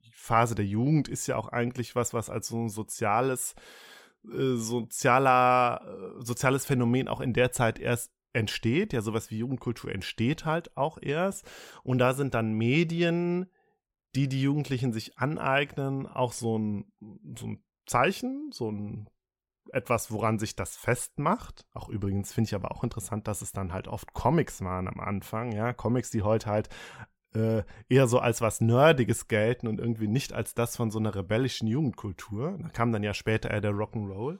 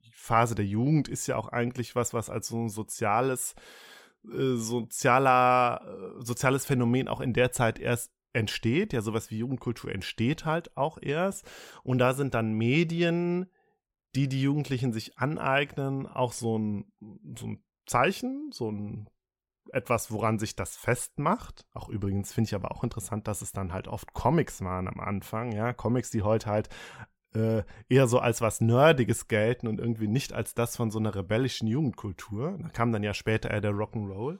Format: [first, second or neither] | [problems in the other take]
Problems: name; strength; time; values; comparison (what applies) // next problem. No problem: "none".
neither | none